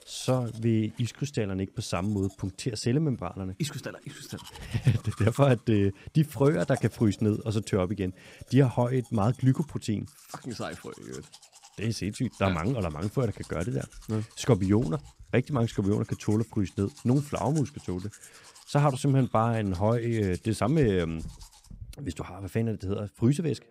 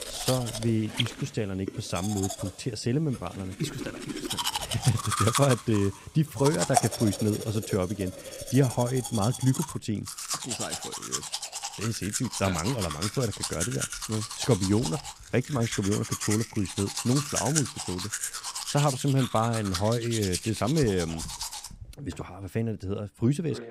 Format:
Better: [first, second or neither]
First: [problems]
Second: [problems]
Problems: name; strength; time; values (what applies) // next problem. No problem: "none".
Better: first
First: household noises; faint; throughout; 20 dB below the speech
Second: household noises; loud; throughout; 4 dB below the speech